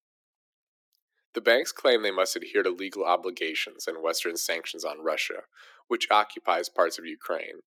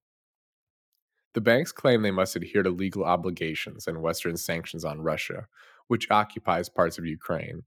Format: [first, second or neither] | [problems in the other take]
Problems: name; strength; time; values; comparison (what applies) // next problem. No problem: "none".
second | thin; somewhat; fading below 300 Hz